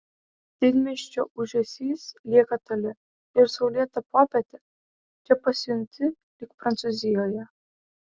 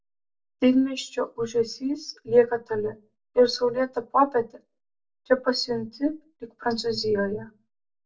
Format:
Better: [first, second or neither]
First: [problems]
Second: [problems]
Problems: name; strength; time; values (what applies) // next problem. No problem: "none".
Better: first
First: none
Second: room echo; dies away in 0.2 s